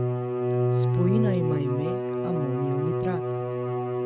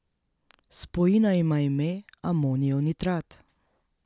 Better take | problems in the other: second | noise reduction (neural mask model RNNoise)

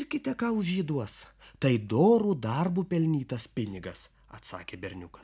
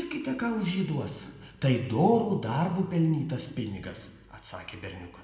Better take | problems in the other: first | room echo; dies away in 1.2 s

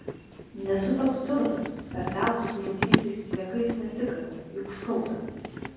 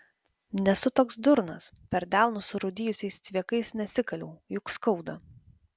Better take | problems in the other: second | background sound (Run); 4 dB below the speech // room echo; dies away in 1.3 s

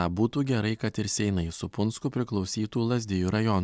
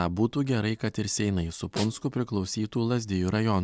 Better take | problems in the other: first | background sound (Snare drum); 15 dB below the speech

